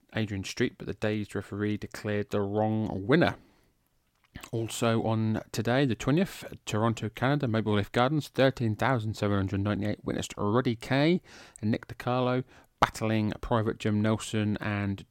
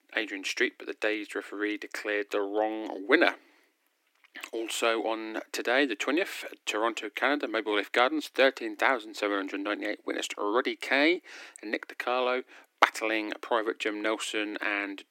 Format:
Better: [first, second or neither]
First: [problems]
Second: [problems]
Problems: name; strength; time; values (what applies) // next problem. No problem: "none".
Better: first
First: none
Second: thin; somewhat; fading below 300 Hz